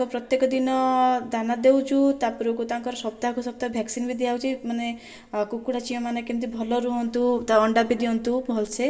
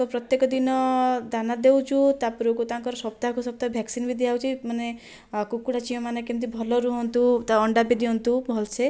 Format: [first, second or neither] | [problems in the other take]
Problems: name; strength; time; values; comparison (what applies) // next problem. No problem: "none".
second | room echo; dies away in 0.6 s